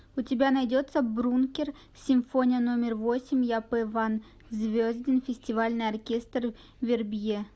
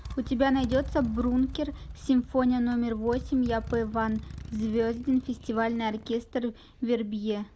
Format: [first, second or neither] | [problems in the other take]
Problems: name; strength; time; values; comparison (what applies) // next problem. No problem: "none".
first | background sound (Motorcycle); 13 dB below the speech